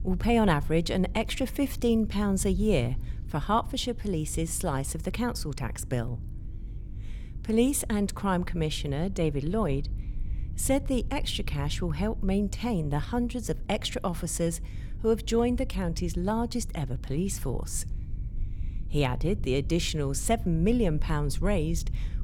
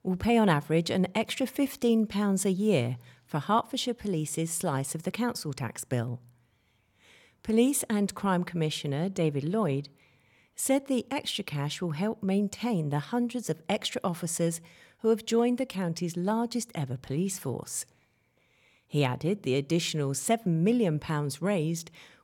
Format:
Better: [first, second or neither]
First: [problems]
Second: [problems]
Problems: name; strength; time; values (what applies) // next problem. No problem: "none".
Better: second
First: low rumble; faint; throughout; 20 dB below the speech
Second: none